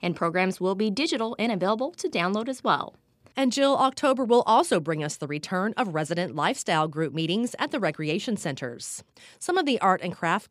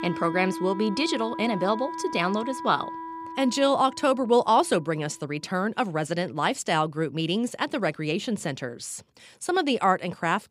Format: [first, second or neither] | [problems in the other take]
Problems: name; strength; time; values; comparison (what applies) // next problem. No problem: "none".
first | background music; noticeable; throughout; 10 dB below the speech